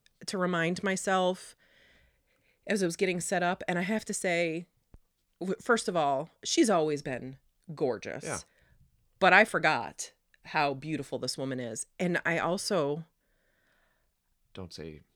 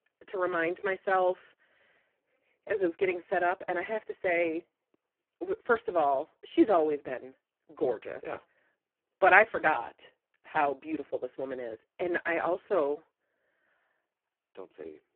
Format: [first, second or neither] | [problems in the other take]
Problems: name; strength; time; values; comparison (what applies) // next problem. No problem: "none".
first | phone-call audio; poor line